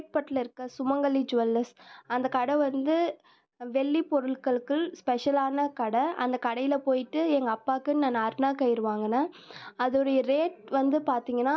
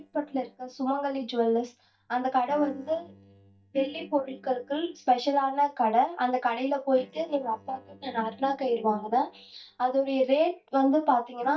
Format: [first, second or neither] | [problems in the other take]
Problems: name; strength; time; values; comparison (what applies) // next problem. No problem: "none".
first | noise reduction (neural mask model DeepFilterNet 3)